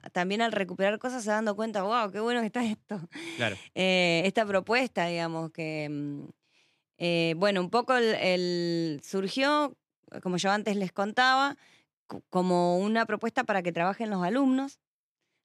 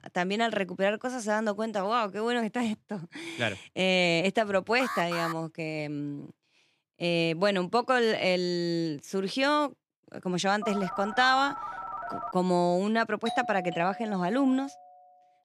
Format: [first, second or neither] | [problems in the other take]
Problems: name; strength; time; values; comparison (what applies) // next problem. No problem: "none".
first | alarm; noticeable; at 5 s; peak 6 dB below the speech // phone ringing; noticeable; from 11 to 12 s; peak 8 dB below the speech // doorbell; noticeable; from 13 to 15 s; peak 8 dB below the speech